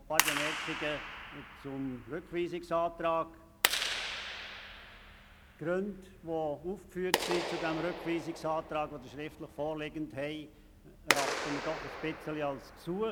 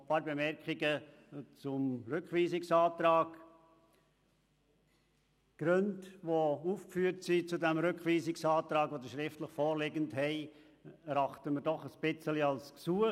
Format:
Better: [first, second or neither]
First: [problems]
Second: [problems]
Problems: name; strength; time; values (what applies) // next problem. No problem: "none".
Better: second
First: background sound (Clapping); 1 dB below the speech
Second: none